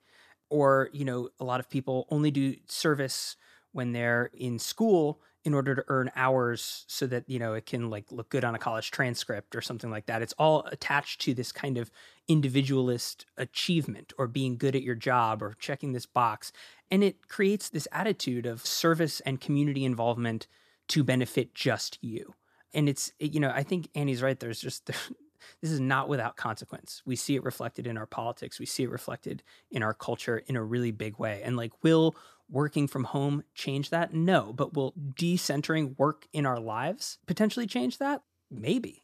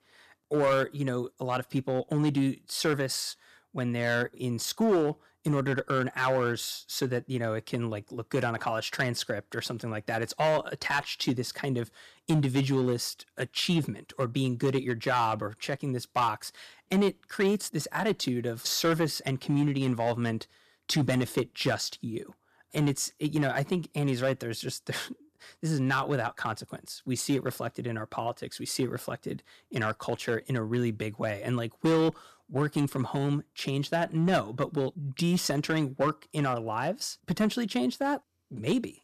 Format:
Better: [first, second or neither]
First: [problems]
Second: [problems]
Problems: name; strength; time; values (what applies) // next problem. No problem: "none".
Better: first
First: none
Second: distortion; slight; 4% of the sound clipped